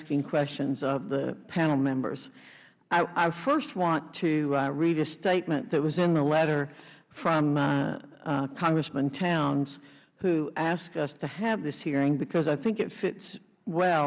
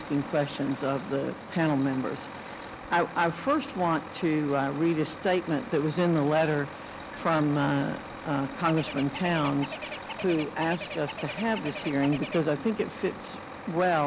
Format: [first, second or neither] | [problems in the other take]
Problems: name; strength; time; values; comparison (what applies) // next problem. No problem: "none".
first | background sound (Bird + Truck); 12 dB below the speech